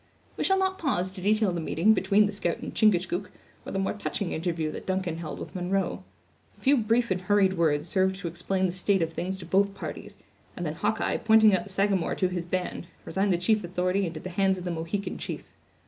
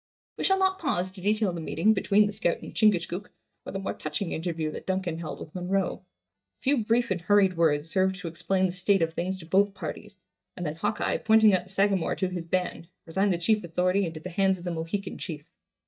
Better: first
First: none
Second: noise reduction (neural mask model DeepFilterNet 3)

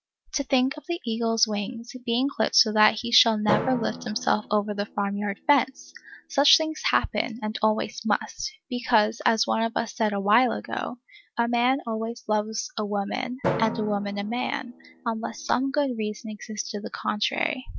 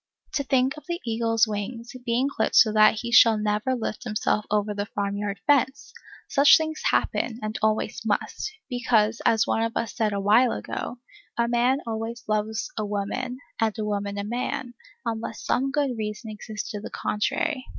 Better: second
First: background sound (Drum); 14 dB below the speech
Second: none

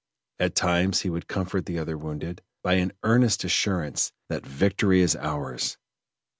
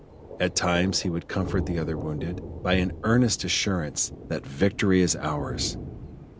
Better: first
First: none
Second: background sound (Thunder); 10 dB below the speech

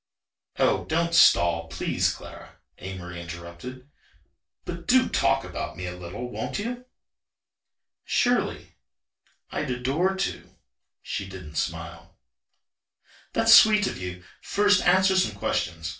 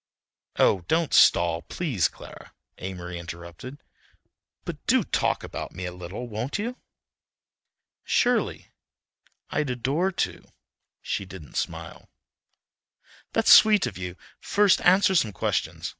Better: second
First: room echo; dies away in 0.2 s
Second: none

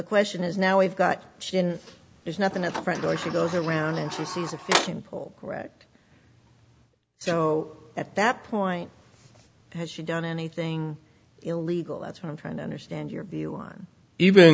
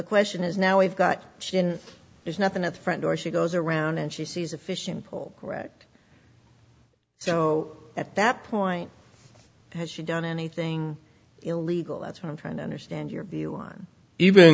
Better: second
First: background sound (Sliding door); 5 dB below the speech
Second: none

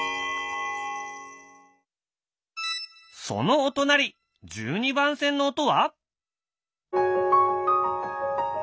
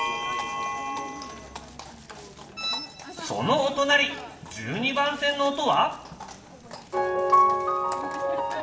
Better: first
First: none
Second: background sound (Livestock, farm animals, working animals); 14 dB below the speech // room echo; dies away in 0.9 s

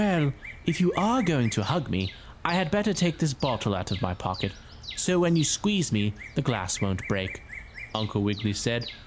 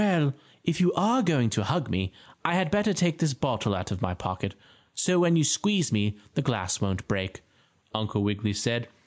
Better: second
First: background sound (Bird vocalization, bird call, bird song); 15 dB below the speech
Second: none

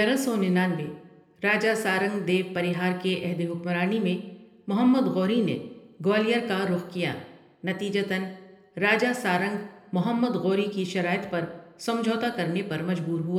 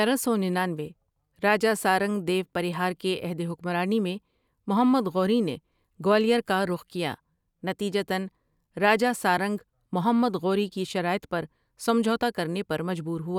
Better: second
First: room echo; dies away in 0.7 s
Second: none

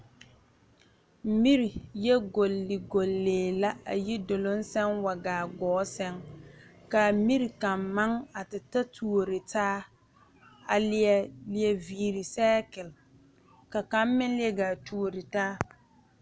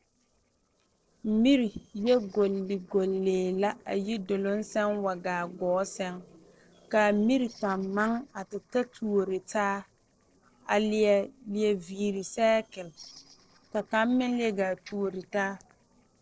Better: first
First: none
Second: noise reduction (neural separator model SepFormer DNS4)

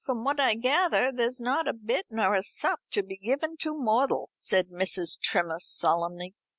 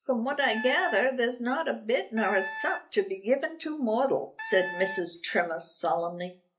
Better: first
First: none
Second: background sound (Wind instrument, woodwind instrument); 10 dB below the speech // room echo; dies away in 0.3 s

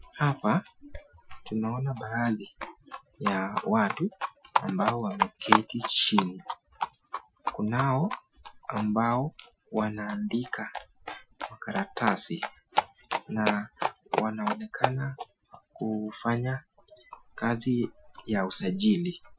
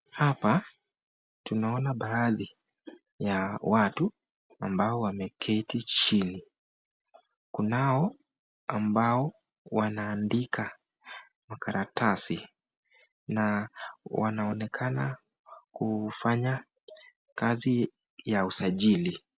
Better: second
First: noise reduction (classical method Wiener filter)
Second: none

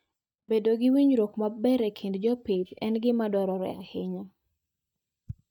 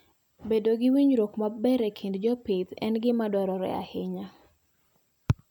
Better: second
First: noise reduction (neural mask model DeepFilterNet 3)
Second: none

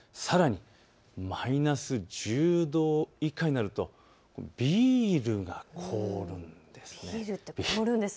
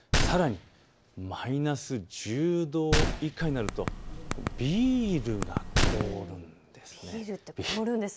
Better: first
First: none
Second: background sound (Typing + Gunshot, gunfire); 1 dB below the speech

